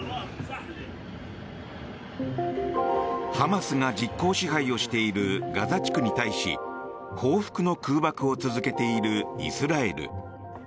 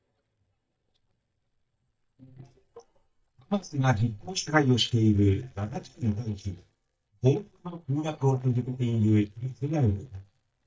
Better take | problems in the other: first | noise reduction (neural mask model DeepFilterNet 3)

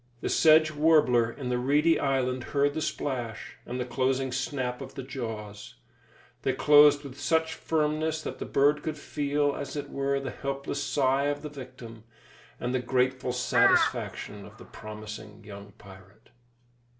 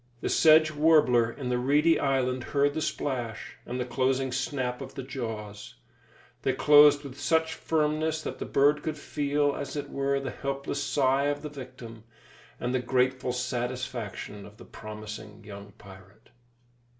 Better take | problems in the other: second | background sound (Crow); 3 dB below the speech

